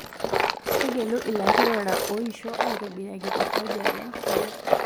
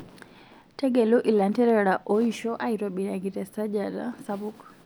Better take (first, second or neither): second